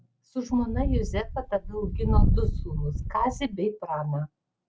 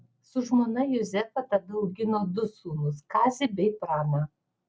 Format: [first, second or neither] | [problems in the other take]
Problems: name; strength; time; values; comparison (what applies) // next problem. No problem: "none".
second | background sound (Wind); 4 dB above the speech